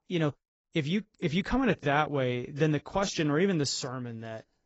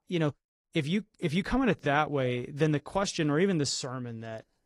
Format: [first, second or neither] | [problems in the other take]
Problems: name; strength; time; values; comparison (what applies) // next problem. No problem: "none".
second | garbled, watery; badly; nothing above 7.5 kHz; slightly in the second